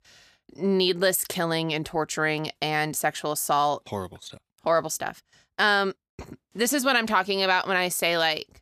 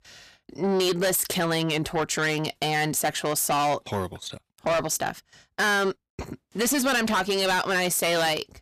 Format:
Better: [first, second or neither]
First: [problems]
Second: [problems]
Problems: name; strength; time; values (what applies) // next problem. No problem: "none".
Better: first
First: none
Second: distortion; heavy; 6 dB below the speech